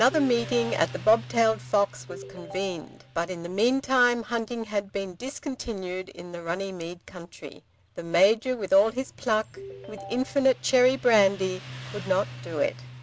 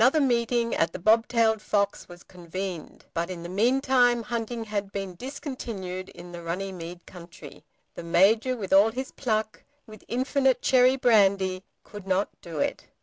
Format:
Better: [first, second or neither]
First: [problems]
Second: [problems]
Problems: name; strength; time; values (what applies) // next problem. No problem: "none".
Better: second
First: background sound (Ringtone + Motorcycle); 17 dB below the speech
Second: none